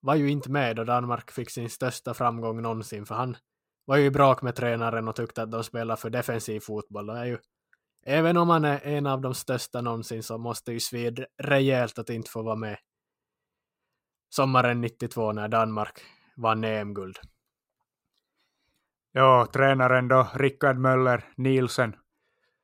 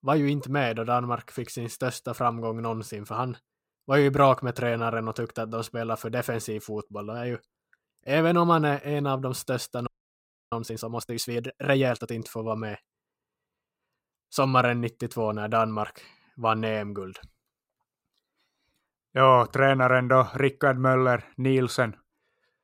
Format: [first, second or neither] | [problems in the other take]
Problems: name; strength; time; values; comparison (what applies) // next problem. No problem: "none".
first | audio freezing; at 10 s for 0.5 s